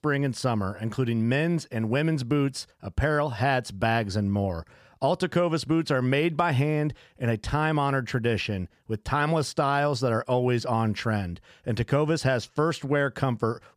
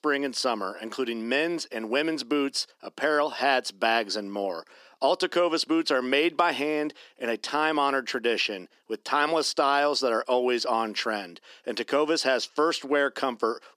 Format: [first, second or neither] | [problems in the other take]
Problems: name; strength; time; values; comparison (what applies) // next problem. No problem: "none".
first | thin; somewhat; fading below 300 Hz